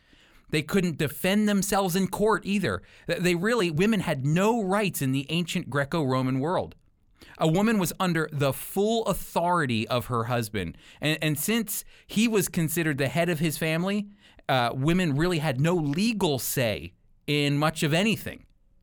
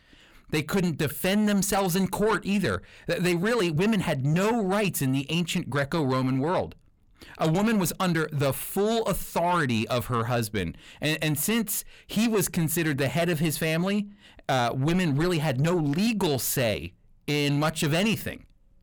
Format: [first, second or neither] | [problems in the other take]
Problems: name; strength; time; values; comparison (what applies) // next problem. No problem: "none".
first | distortion; slight; 10 dB below the speech